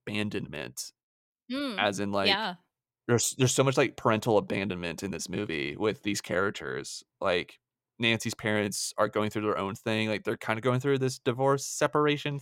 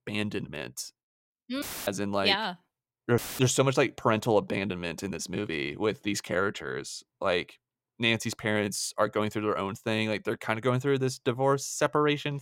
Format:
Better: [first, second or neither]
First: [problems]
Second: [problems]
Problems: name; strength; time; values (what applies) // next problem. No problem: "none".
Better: first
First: none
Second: audio cutting out; filled with static; at 1.5 s and at 3 s